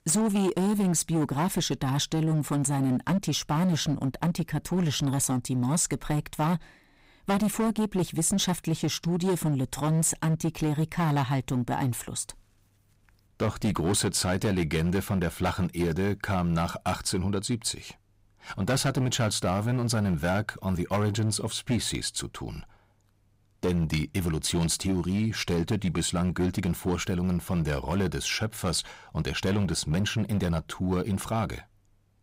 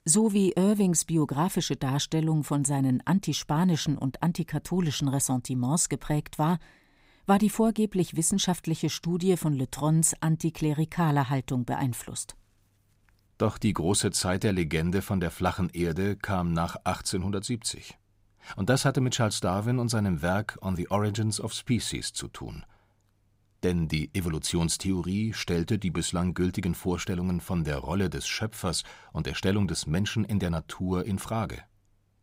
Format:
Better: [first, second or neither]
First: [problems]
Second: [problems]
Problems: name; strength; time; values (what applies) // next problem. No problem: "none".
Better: second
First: distortion; slight; 12% of the sound clipped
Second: none